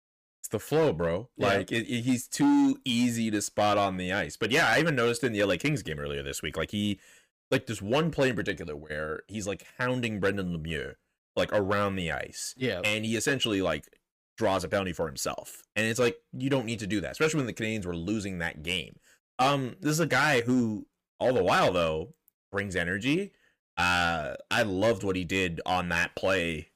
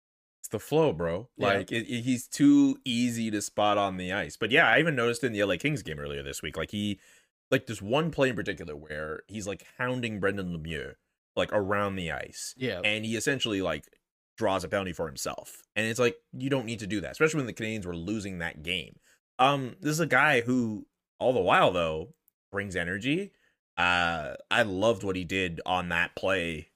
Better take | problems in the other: second | distortion; slight; 4% of the sound clipped

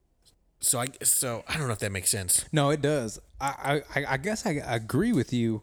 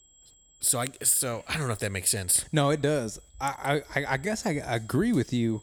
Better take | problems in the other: first | high-pitched whine; faint; throughout; 7.5 kHz, 30 dB below the speech

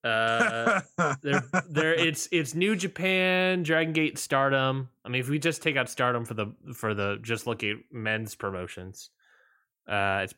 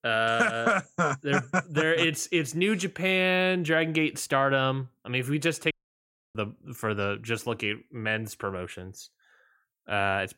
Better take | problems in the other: first | audio cutting out; at 5.5 s for 0.5 s

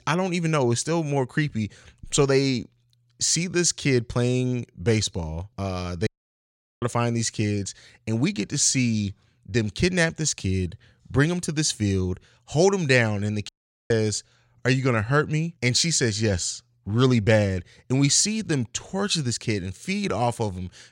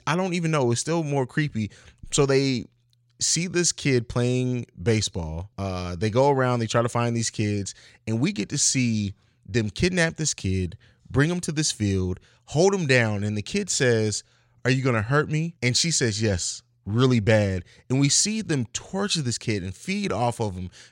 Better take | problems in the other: second | audio cutting out; at 6 s for 1 s and at 13 s

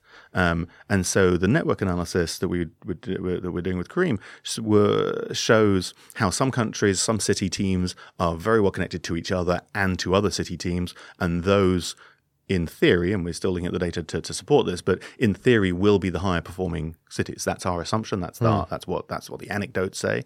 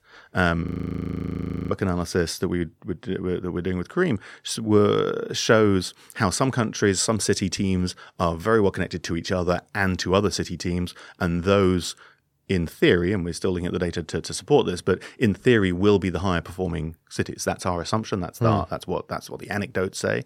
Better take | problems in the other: first | audio freezing; at 0.5 s for 1 s

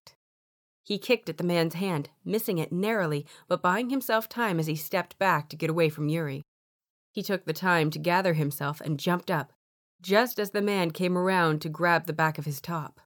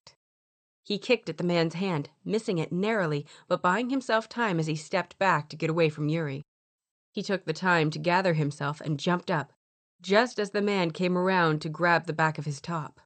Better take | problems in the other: first | garbled, watery; slightly; nothing above 8.5 kHz

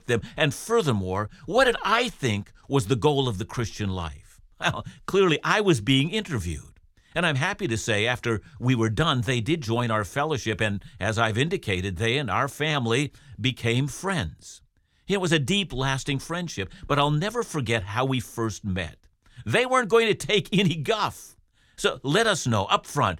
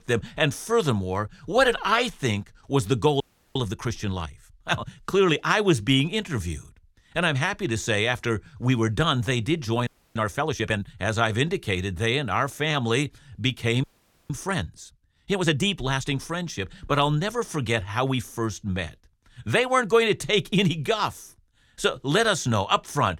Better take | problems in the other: first | audio freezing; at 3 s, at 10 s and at 14 s

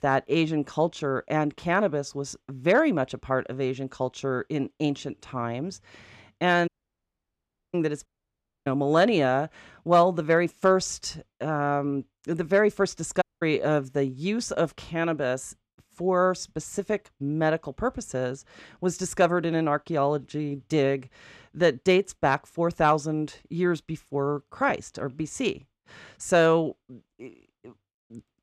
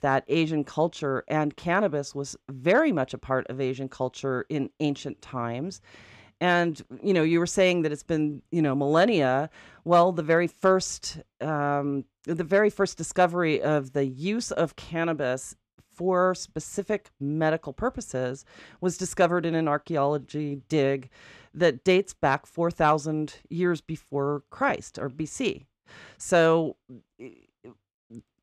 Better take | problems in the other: second | audio cutting out; at 6.5 s for 1 s, at 8 s for 0.5 s and at 13 s

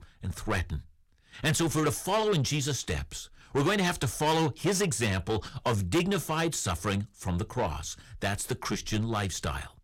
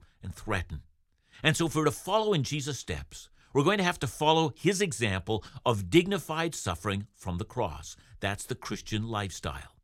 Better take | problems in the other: second | distortion; heavy; 6 dB below the speech

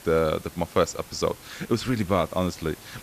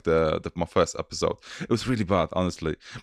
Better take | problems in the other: second | hiss; noticeable; throughout; 20 dB below the speech

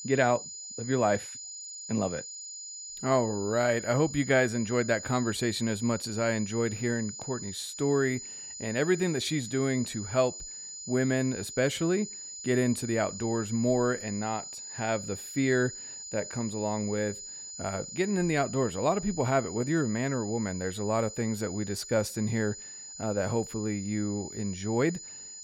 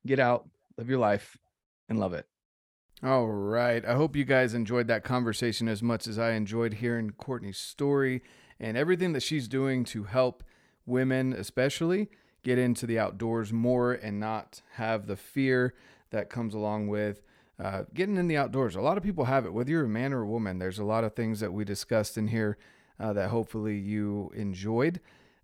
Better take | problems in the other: second | high-pitched whine; loud; throughout; 7 kHz, 10 dB below the speech

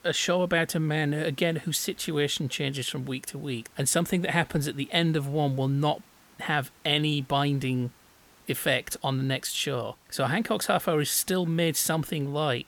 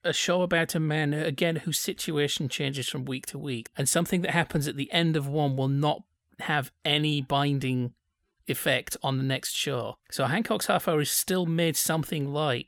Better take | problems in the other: second | hiss; faint; throughout; 30 dB below the speech

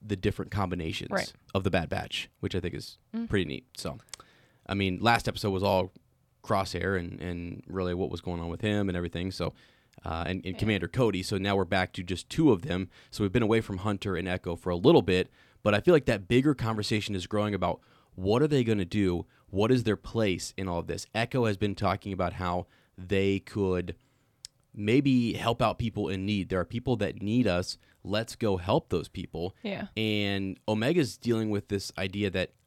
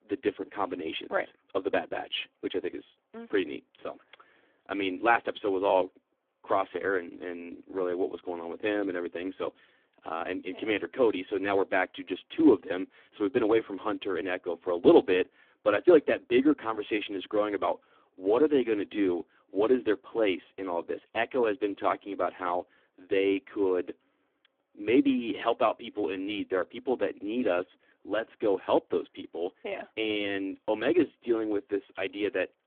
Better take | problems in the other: first | phone-call audio; poor line

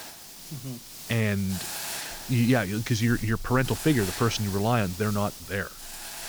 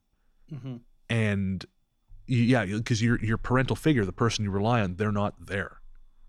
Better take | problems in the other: second | hiss; loud; throughout; 10 dB below the speech

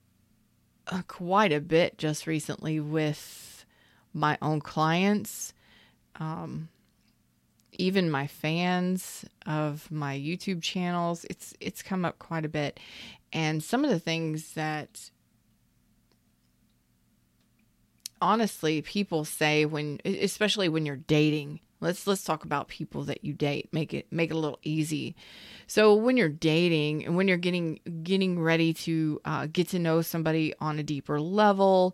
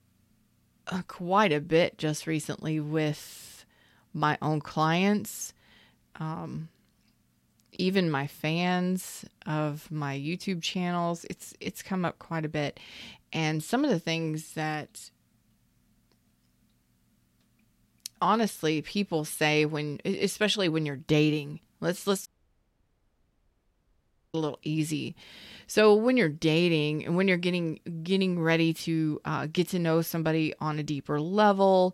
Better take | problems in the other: first | audio cutting out; at 22 s for 2 s

